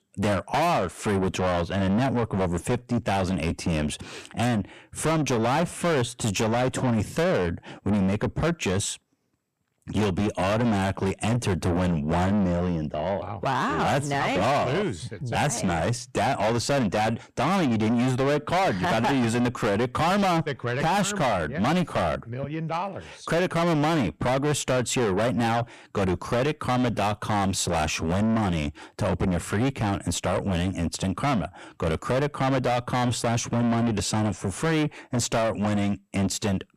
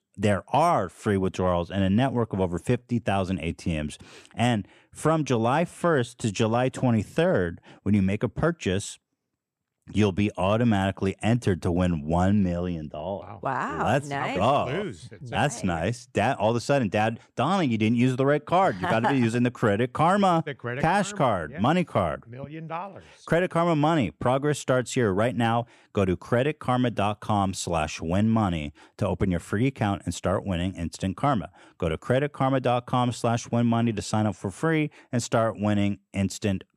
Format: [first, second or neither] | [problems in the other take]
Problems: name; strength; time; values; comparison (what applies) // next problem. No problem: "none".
second | distortion; heavy; 6 dB below the speech